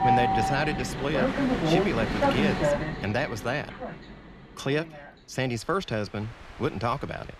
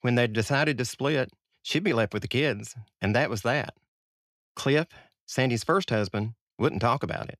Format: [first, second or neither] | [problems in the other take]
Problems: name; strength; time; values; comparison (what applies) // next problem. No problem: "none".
second | train or aircraft noise; very loud; throughout; 3 dB above the speech